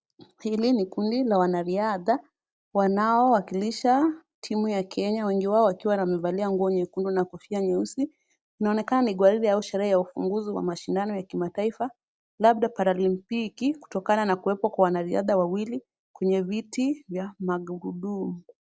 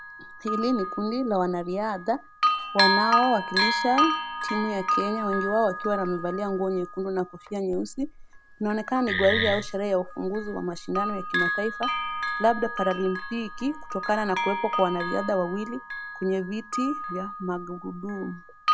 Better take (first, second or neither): first